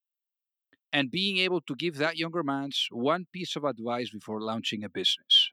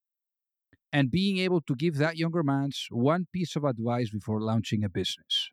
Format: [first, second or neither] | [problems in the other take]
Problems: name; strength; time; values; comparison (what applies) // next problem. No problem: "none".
second | thin; very slightly; fading below 250 Hz